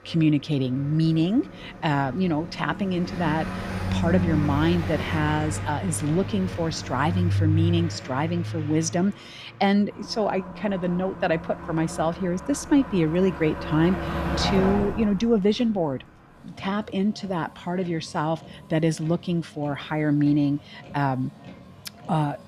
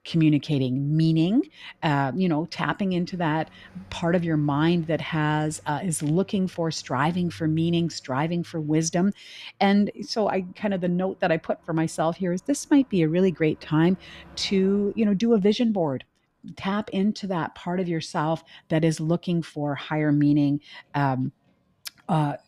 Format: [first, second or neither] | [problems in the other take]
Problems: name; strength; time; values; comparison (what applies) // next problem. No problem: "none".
second | traffic noise; loud; throughout; 6 dB below the speech; faint in the second